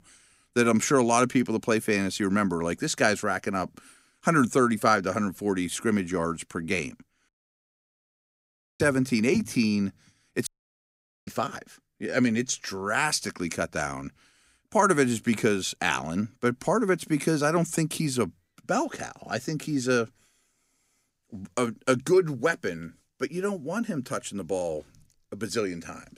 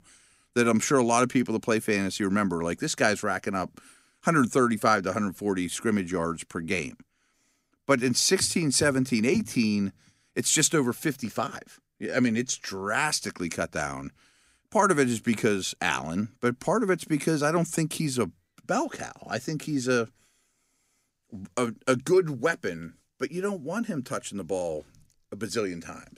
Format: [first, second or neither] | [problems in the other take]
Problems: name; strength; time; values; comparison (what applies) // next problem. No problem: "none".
second | audio cutting out; at 7.5 s for 1.5 s and at 10 s for 1 s